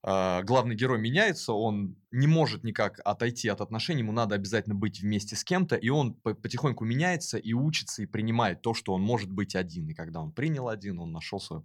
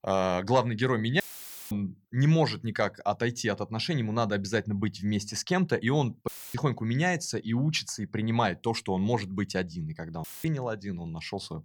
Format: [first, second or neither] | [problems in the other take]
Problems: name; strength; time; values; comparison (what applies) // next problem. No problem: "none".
first | audio cutting out; filled with static; at 1 s for 0.5 s, at 6.5 s and at 10 s